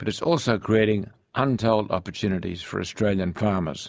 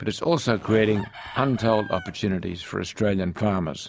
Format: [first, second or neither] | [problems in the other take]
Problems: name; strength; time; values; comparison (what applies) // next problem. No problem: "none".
first | background sound (Chicken, rooster + Zipper (clothing)); 18 dB below the speech